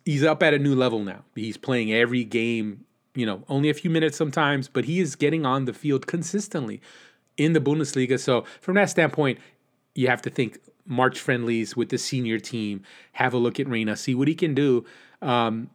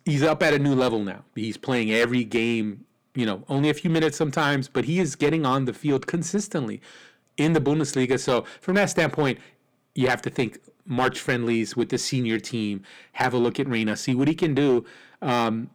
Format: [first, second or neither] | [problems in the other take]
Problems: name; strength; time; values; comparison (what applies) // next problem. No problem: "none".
first | distortion; slight; 4% of the sound clipped